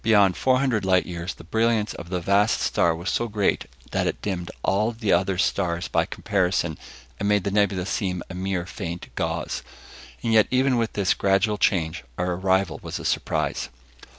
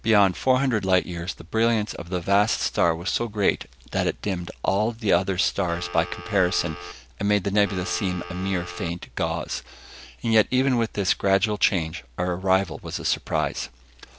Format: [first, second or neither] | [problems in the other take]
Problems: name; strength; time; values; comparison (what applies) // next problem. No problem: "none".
first | background sound (Telephone); 12 dB below the speech